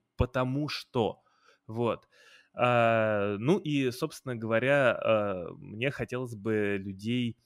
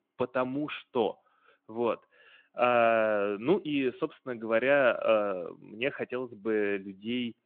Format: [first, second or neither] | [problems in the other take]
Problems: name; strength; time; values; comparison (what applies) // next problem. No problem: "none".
first | phone-call audio